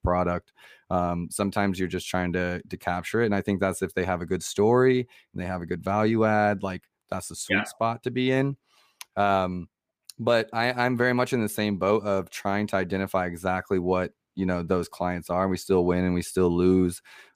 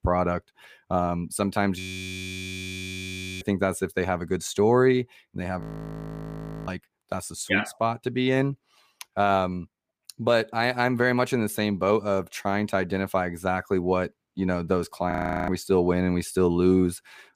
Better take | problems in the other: first | audio freezing; at 2 s for 1.5 s, at 5.5 s for 1 s and at 15 s

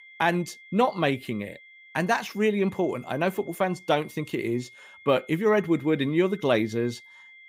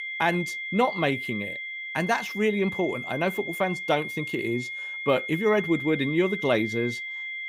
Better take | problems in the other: first | high-pitched whine; loud; throughout; 2 kHz, 5 dB below the speech; faint in the first

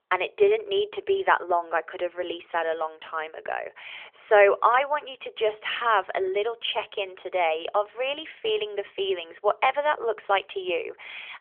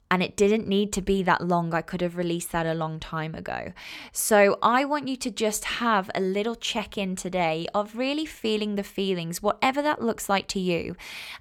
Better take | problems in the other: second | phone-call audio; nothing above 3.5 kHz

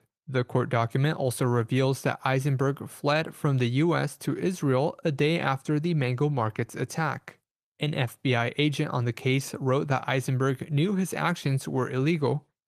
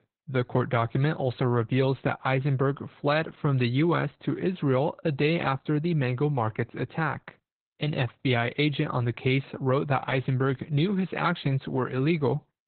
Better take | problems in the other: first | garbled, watery; badly; nothing above 4 kHz; slightly in the first

